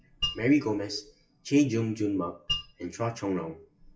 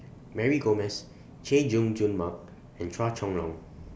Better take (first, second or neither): second